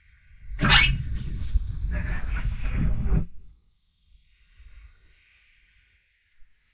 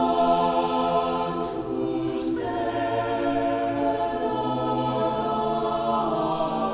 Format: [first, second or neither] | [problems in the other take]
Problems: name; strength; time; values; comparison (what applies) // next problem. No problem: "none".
second | noise reduction (neural mask model Resemble Enhance denoiser)